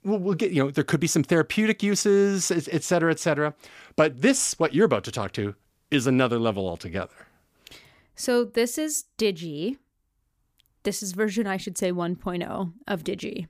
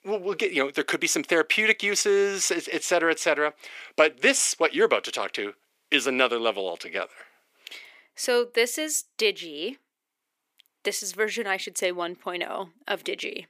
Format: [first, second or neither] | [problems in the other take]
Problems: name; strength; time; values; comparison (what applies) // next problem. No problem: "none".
first | thin; somewhat; fading below 400 Hz